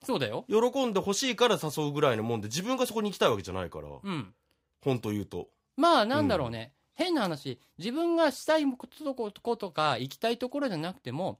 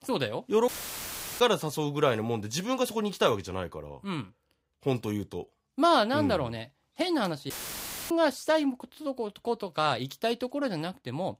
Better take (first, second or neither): first